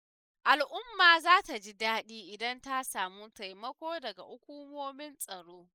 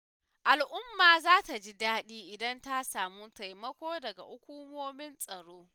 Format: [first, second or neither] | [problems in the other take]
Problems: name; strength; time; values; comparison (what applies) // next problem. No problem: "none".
second | noise reduction (neural mask model Resemble Enhance denoiser)